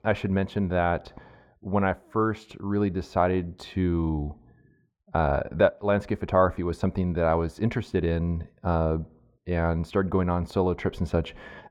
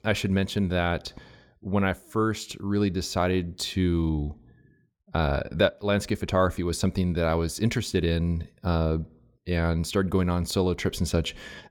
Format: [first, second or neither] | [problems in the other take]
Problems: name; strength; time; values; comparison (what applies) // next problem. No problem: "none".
second | muffled; very; fading above 3.5 kHz